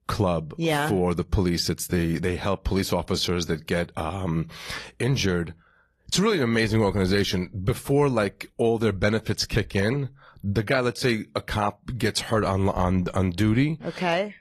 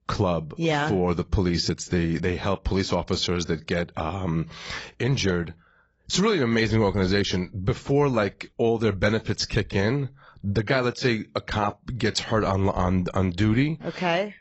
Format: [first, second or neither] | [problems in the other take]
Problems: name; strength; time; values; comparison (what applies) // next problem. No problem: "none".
first | garbled, watery; badly; nothing above 8 kHz; slightly in the first